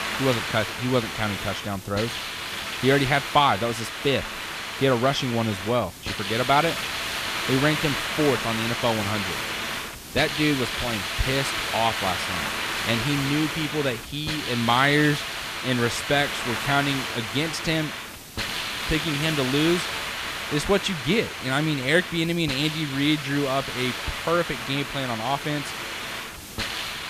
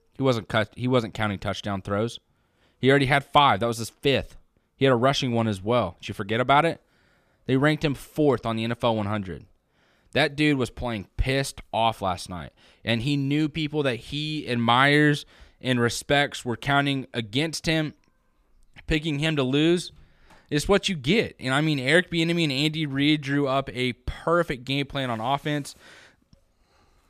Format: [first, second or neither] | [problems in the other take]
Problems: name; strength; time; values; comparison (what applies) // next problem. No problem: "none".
second | hiss; loud; throughout; 4 dB below the speech